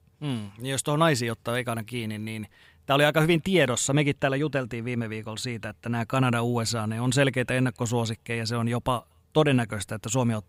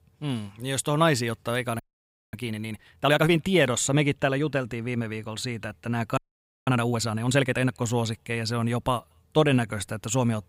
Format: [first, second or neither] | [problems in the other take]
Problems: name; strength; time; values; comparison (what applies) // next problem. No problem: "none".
first | audio freezing; at 2 s for 0.5 s and at 6 s for 0.5 s